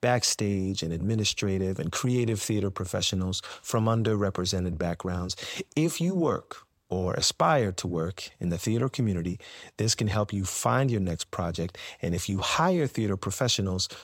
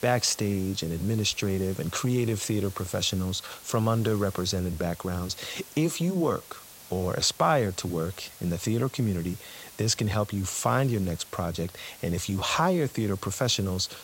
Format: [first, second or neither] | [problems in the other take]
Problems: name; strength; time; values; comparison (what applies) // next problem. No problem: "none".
first | hiss; noticeable; throughout; 15 dB below the speech